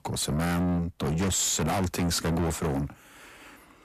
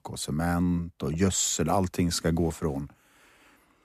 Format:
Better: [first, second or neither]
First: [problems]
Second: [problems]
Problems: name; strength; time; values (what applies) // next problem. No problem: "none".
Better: second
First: distortion; heavy; 6 dB below the speech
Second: none